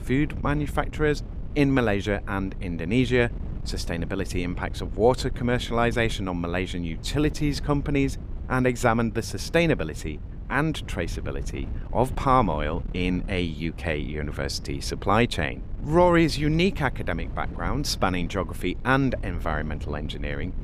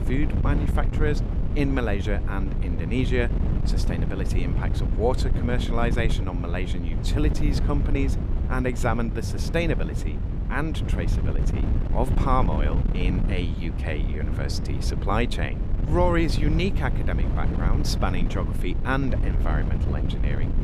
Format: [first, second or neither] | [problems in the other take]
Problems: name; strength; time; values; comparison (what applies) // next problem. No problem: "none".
first | wind noise on the microphone; heavy; 8 dB below the speech; occasional gusts in the first